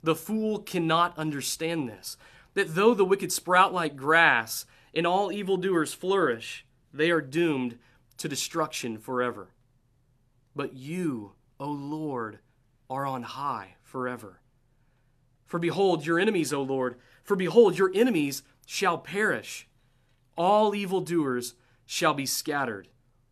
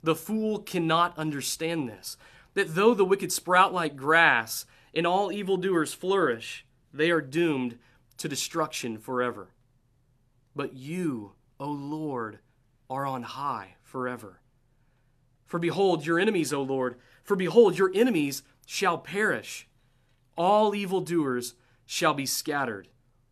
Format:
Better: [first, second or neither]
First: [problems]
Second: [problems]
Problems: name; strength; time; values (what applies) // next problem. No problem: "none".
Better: neither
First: none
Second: none